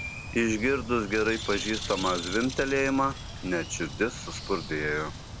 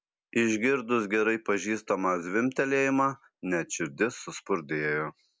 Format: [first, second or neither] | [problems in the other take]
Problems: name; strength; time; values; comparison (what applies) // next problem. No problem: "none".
second | background sound (Bird); 9 dB below the speech